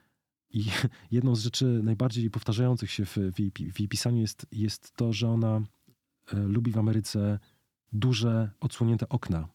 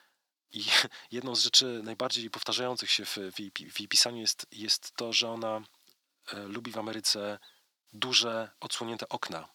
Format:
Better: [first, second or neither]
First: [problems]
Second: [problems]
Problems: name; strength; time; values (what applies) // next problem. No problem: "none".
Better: first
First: none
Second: thin; very; fading below 650 Hz